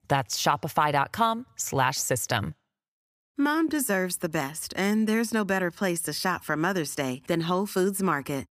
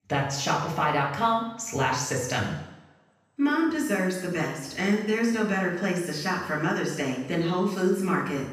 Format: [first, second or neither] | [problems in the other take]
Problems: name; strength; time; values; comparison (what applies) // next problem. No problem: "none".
first | room echo; noticeable; dies away in 0.9 s // off-mic speech; far